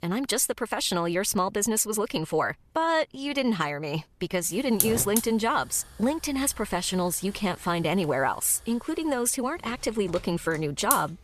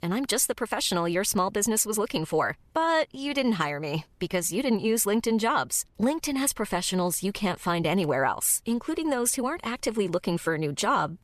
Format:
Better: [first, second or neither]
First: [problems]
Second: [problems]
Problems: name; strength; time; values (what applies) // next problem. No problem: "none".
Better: second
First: hiss; very faint; from 4.5 s on; 3 dB below the speech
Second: none